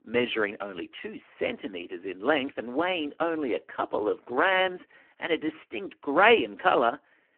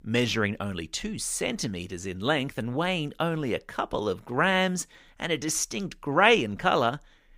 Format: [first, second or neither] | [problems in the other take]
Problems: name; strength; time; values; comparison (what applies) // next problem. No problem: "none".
second | phone-call audio; poor line